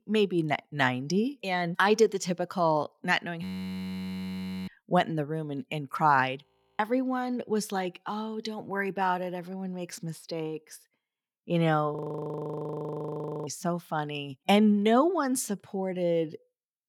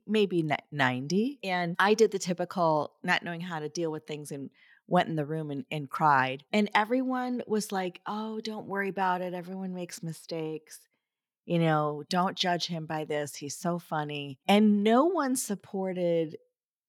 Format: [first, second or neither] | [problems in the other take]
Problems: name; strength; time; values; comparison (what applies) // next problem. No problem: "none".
second | audio freezing; at 3.5 s for 1 s, at 6.5 s and at 12 s for 1.5 s